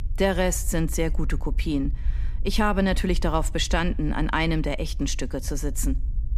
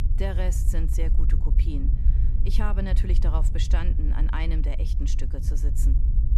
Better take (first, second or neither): first